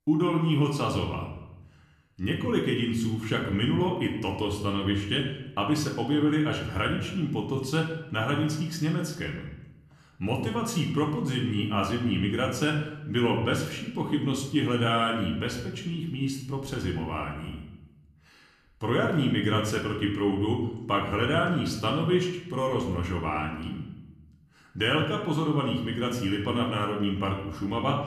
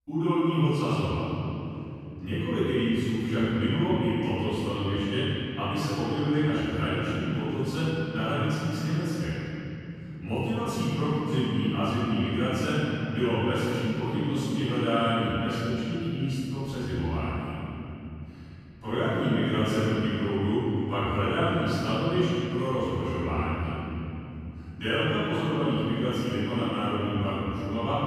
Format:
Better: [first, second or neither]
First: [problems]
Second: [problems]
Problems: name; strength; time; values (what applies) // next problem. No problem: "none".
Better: first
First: room echo; slight; dies away in 0.8 s // off-mic speech; somewhat distant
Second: room echo; strong; dies away in 3 s // off-mic speech; far